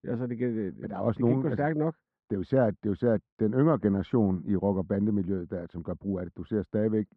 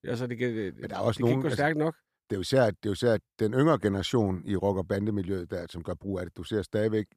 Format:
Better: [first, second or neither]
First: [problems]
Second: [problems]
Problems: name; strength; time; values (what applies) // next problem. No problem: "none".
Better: second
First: muffled; very; fading above 1.5 kHz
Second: none